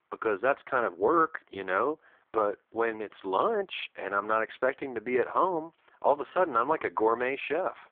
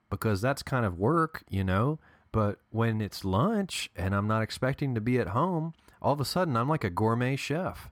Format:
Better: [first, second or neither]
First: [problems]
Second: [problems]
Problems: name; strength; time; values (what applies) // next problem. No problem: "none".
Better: second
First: phone-call audio; poor line; nothing above 3.5 kHz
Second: none